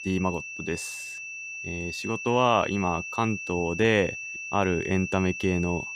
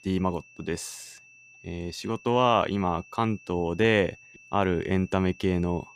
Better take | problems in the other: second | high-pitched whine; loud; throughout; 2.5 kHz, 7 dB below the speech; faint in the second

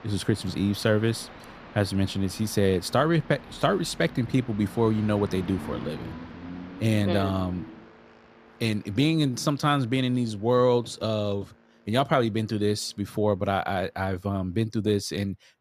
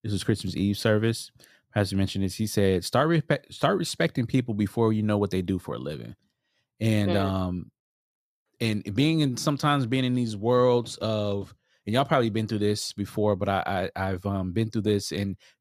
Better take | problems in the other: second | train or aircraft noise; noticeable; throughout; 15 dB below the speech

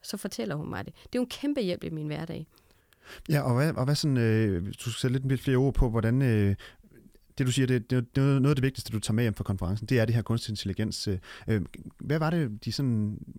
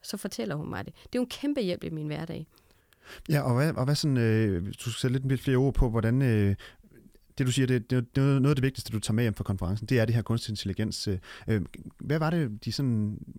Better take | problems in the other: neither | none

